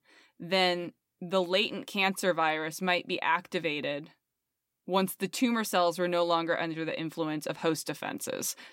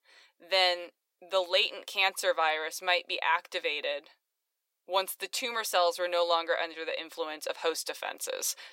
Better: first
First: none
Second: thin; very; fading below 500 Hz

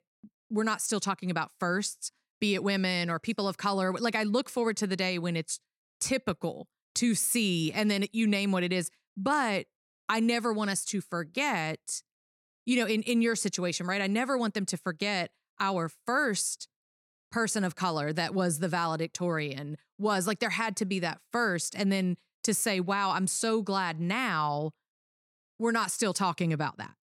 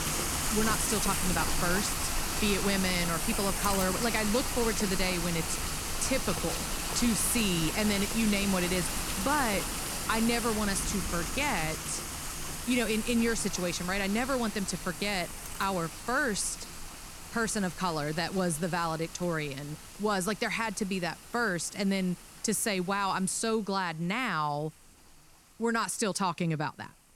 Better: first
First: none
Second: rain or running water; loud; throughout; 3 dB below the speech

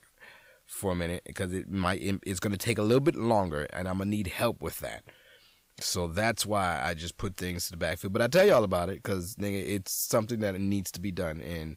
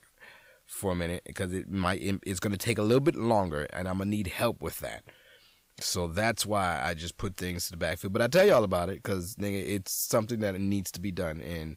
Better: neither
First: none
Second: none

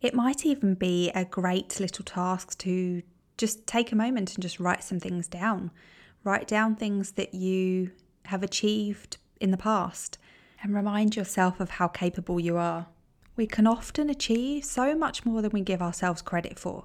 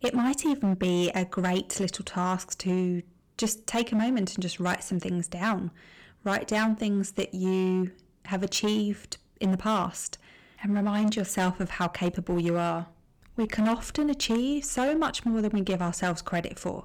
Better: first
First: none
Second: distortion; slight; 9% of the sound clipped

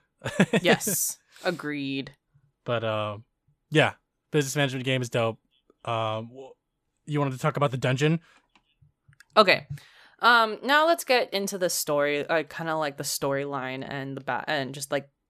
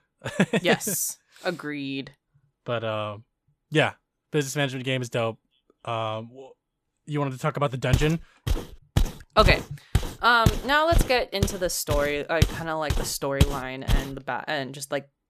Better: first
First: none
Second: footsteps; loud; from 8 to 14 s; peak 1 dB above the speech

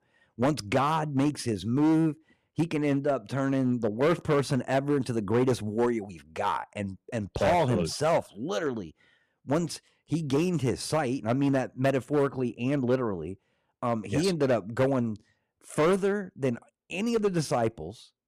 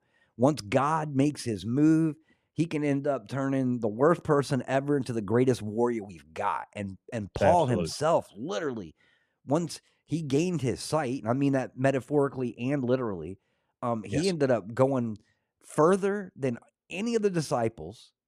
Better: second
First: distortion; slight; 6% of the sound clipped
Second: none

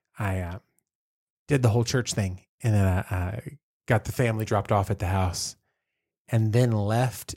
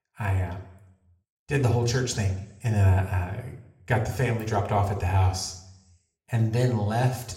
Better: first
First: none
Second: room echo; slight; dies away in 0.6 s

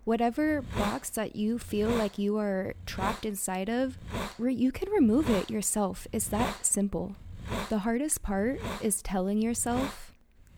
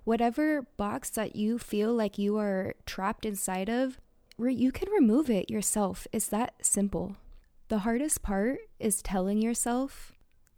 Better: second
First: hiss; loud; throughout; 9 dB below the speech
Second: none

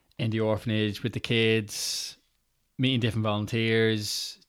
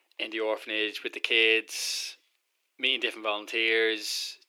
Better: first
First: none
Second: thin; very; fading below 350 Hz

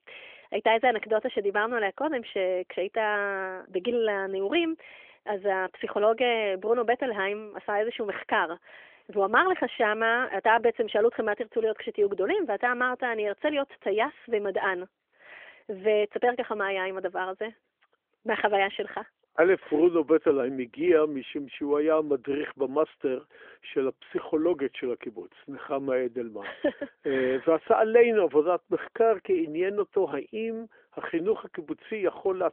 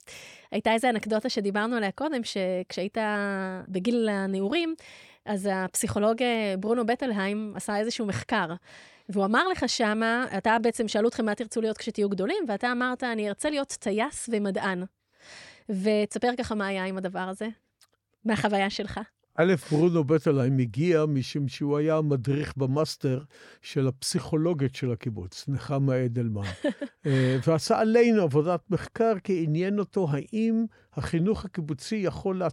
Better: second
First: phone-call audio; nothing above 3.5 kHz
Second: none

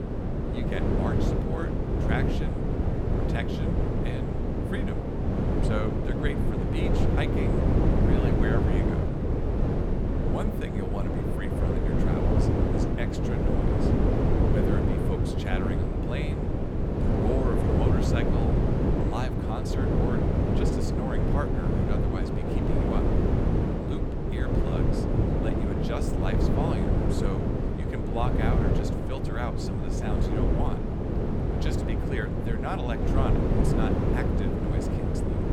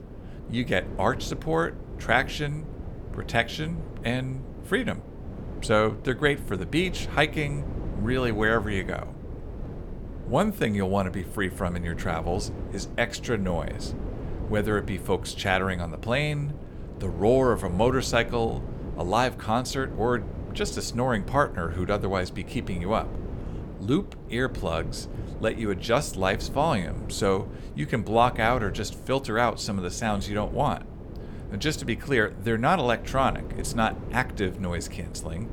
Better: second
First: wind noise on the microphone; heavy; 5 dB above the speech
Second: wind noise on the microphone; occasional gusts; 15 dB below the speech

